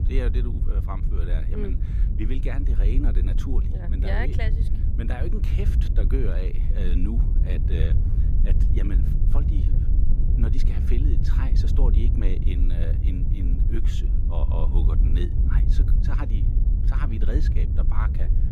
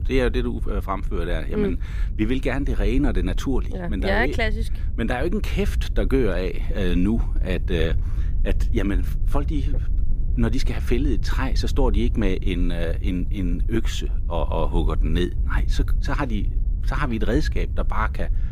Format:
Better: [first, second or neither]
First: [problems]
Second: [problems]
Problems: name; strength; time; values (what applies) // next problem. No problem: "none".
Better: second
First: wind noise on the microphone; heavy; 3 dB below the speech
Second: wind noise on the microphone; occasional gusts; 20 dB below the speech